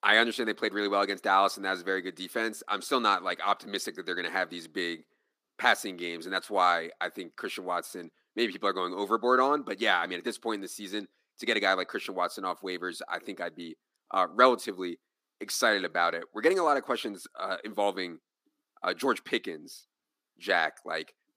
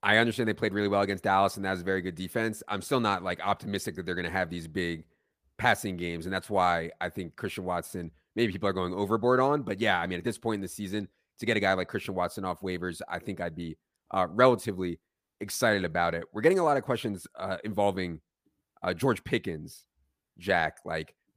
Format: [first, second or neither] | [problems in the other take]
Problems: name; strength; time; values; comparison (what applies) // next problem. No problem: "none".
second | thin; very slightly; fading below 250 Hz